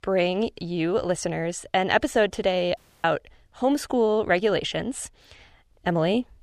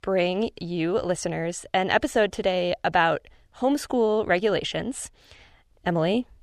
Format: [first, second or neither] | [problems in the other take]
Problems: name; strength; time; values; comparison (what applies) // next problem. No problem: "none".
second | audio cutting out; at 3 s